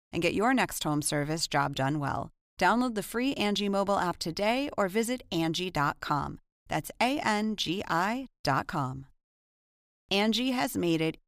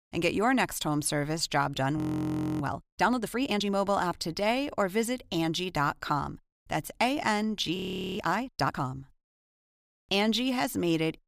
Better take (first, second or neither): first